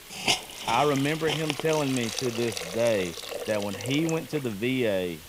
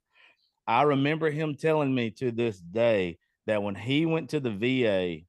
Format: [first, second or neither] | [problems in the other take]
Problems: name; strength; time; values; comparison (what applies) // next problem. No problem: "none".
second | hiss; loud; throughout; 4 dB below the speech